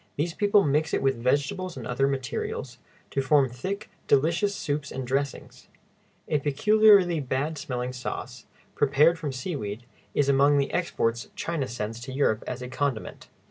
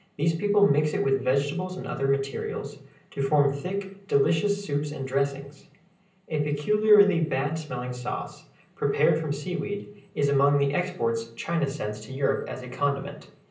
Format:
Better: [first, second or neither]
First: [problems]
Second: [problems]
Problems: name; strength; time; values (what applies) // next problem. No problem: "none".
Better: first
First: none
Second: room echo; dies away in 0.6 s